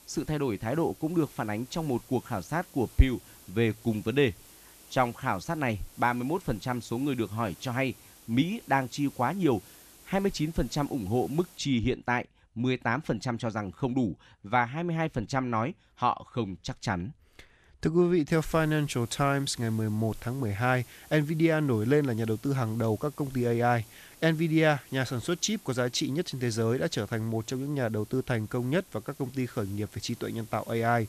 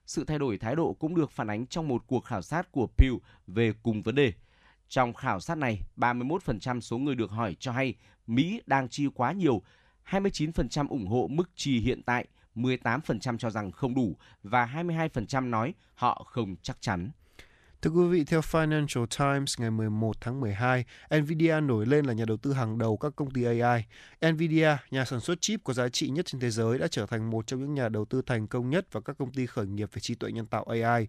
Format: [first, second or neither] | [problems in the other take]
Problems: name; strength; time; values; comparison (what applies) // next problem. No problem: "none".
second | hiss; faint; until 12 s and from 18 s on; 20 dB below the speech